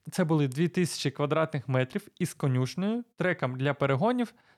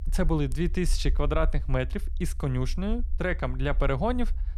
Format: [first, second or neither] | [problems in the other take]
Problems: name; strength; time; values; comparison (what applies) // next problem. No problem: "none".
first | low rumble; faint; throughout; 25 dB below the speech